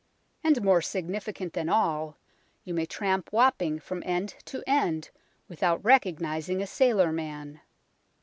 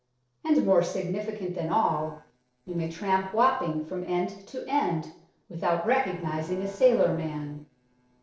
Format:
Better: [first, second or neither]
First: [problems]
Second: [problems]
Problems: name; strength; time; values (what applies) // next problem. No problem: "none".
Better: first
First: none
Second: noise reduction (neural separator model SepFormer DNS4)